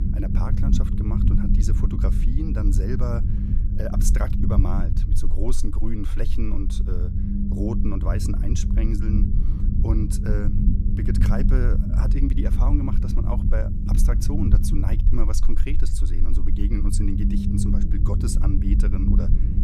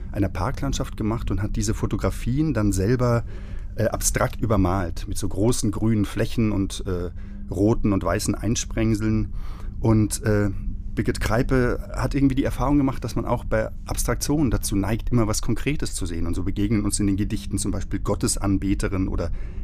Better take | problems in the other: second | low rumble; loud; throughout; 2 dB below the speech; faint in the second

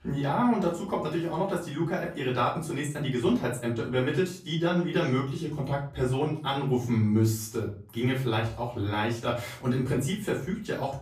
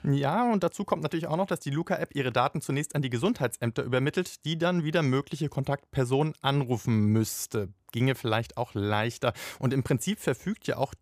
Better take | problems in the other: second | off-mic speech; far // room echo; slight; dies away in 0.4 s

